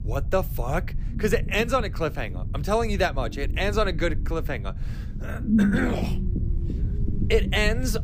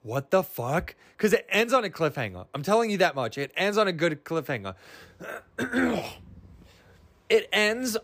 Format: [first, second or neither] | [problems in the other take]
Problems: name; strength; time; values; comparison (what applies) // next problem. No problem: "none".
second | low rumble; noticeable; throughout; 10 dB below the speech